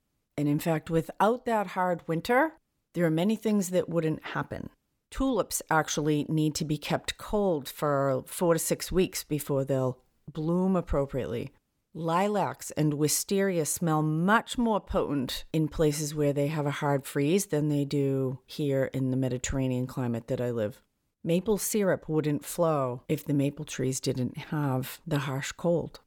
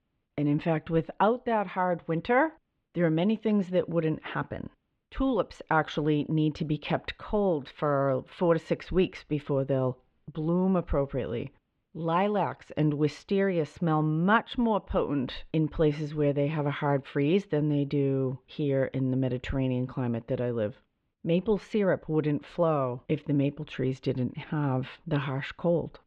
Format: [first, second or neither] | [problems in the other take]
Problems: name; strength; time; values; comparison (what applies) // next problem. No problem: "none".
first | muffled; very; fading above 3 kHz